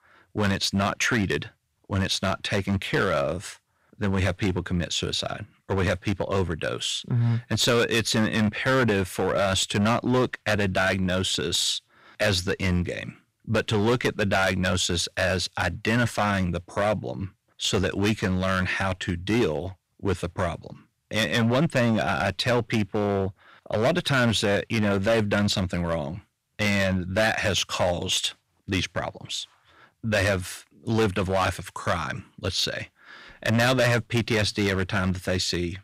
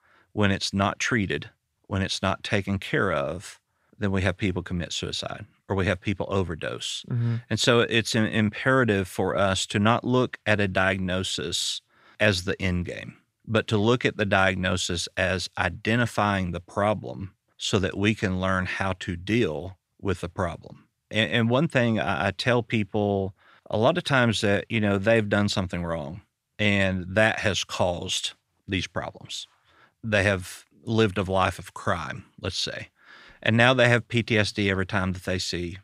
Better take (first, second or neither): second